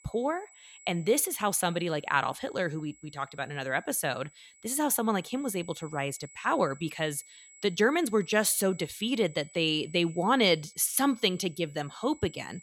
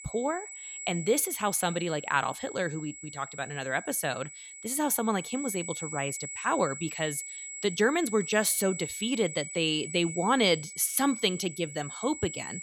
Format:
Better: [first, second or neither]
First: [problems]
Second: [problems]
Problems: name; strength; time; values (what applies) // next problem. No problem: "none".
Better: first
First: high-pitched whine; faint; throughout; 8 kHz, 25 dB below the speech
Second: high-pitched whine; loud; throughout; 8 kHz, 9 dB below the speech